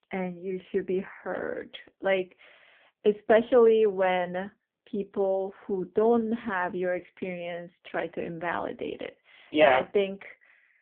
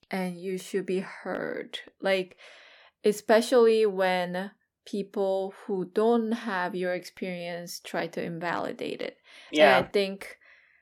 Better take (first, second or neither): second